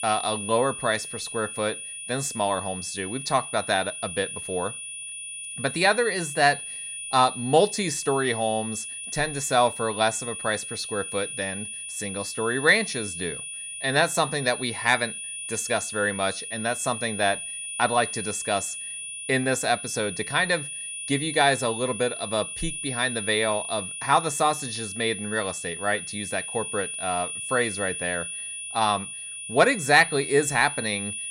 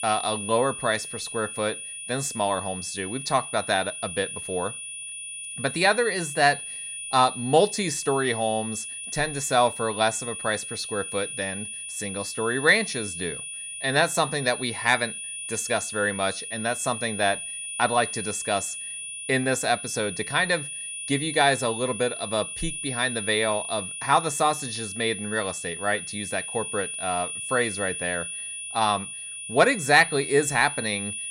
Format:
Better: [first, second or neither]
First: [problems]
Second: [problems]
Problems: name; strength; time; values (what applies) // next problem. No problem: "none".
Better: neither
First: high-pitched whine; loud; throughout; 9.5 kHz, 7 dB below the speech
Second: high-pitched whine; loud; throughout; 9.5 kHz, 7 dB below the speech